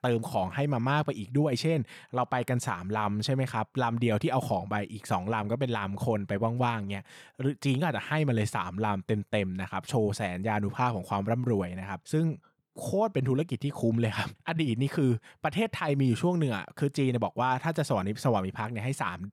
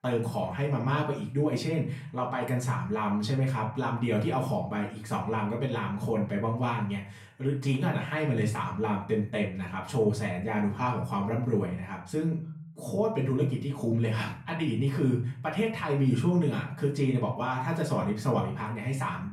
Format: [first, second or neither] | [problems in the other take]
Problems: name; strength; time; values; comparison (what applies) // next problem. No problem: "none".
first | room echo; slight; dies away in 0.4 s // off-mic speech; far